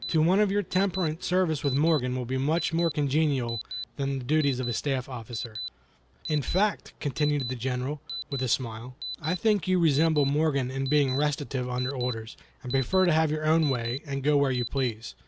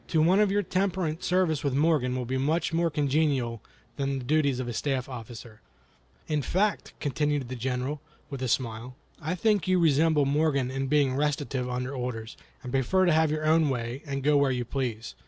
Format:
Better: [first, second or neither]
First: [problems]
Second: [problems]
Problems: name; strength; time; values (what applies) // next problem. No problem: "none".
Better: second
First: background sound (Alarm); 13 dB below the speech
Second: none